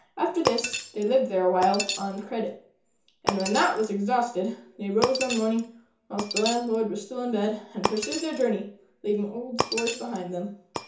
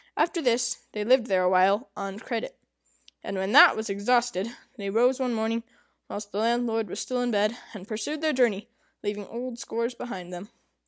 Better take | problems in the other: second | background sound (Shatter); 7 dB below the speech // room echo; dies away in 0.6 s

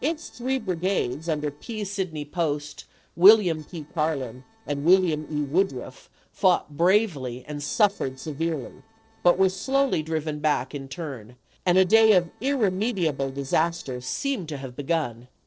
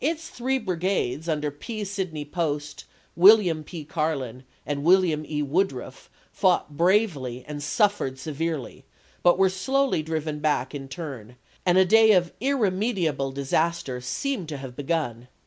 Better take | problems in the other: second | noise reduction (neural separator model SepFormer DNS4)

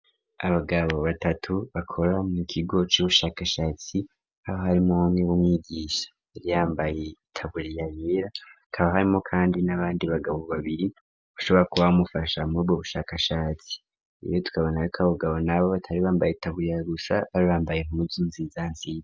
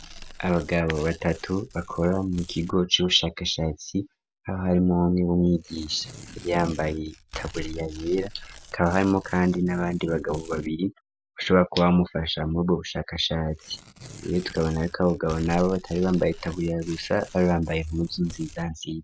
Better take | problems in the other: first | background sound (Tearing); 19 dB below the speech

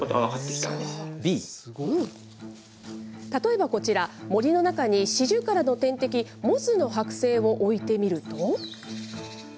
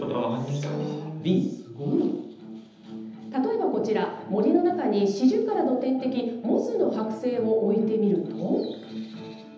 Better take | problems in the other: first | room echo; dies away in 0.9 s

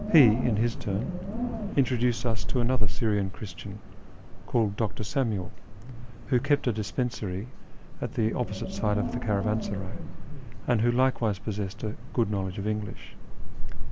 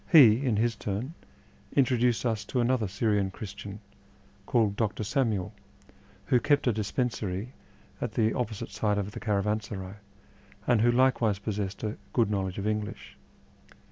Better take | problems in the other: second | background sound (Wind); 4 dB above the speech

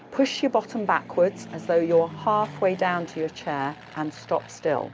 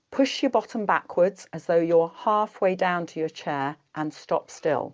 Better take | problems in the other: second | background sound (Fixed-wing aircraft, airplane); 17 dB below the speech

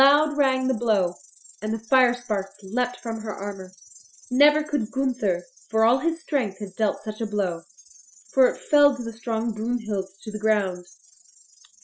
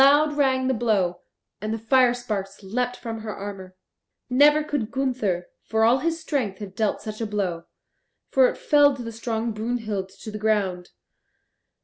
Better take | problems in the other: second | noise reduction (classical method Wiener filter)

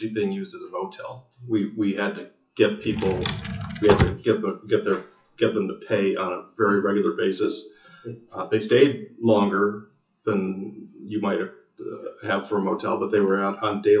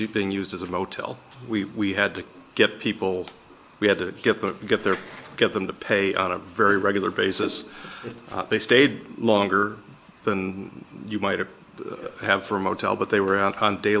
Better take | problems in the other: second | noise reduction (classical method WPE with log-MMSE)

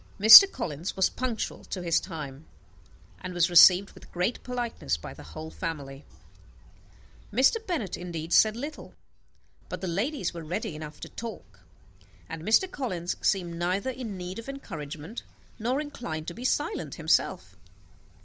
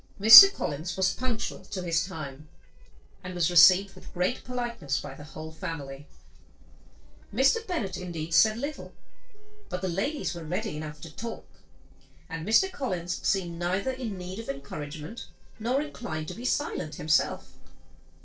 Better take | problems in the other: first | noise reduction (neural separator model SepFormer DNS4)

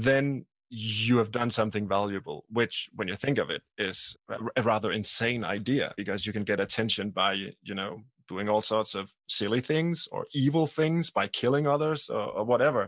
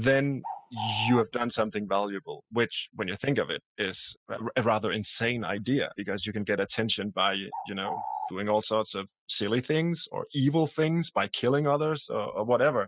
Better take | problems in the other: first | noise reduction (classical method spectral subtraction)

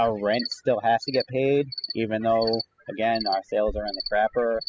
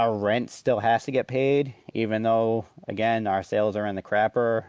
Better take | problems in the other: second | noise reduction (classical method spectral subtraction)

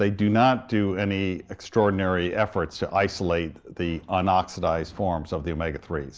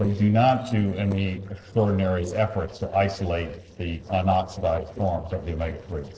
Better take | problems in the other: first | noise reduction (neural separator model SepFormer DNS4)

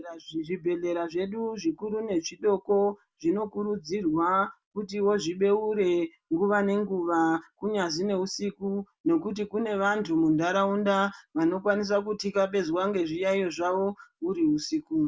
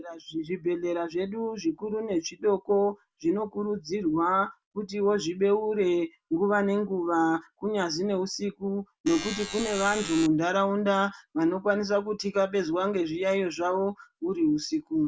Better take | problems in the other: first | background sound (Alarm); 9 dB below the speech

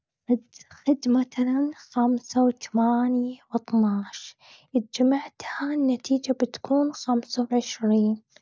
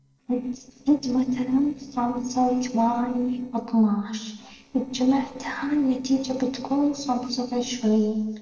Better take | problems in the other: first | noise reduction (neural separator model SepFormer DNS4)

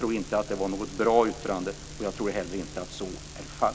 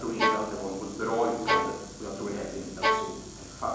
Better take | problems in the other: first | background sound (Bowed string instrument); 3 dB above the speech // room echo; dies away in 1 s

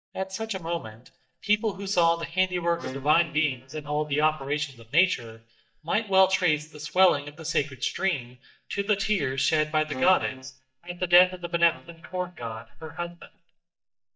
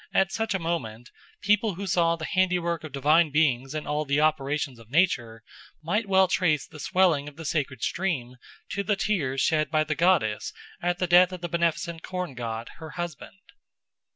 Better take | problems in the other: second | noise reduction (neural mask model DeepFilterNet 3)

